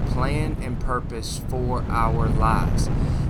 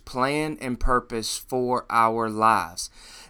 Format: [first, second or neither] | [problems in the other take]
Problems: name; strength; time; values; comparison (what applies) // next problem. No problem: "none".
second | wind noise on the microphone; heavy; 8 dB below the speech